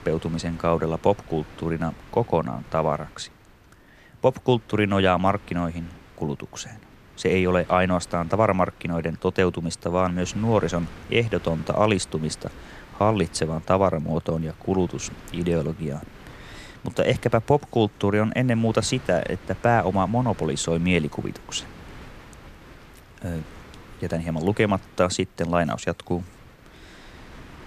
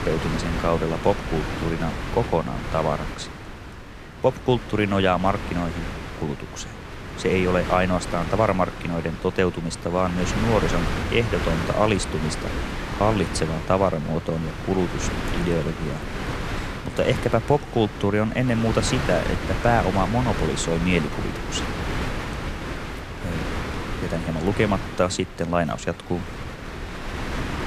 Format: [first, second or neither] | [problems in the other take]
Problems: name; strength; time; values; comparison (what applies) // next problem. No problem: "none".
first | wind noise on the microphone; heavy; 7 dB below the speech; occasional gusts in the first